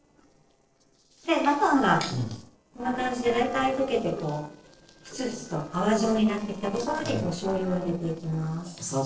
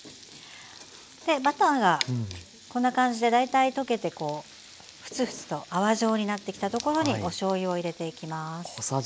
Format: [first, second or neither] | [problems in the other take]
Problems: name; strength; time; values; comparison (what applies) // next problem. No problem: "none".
second | noise reduction (neural separator model SepFormer DNS4)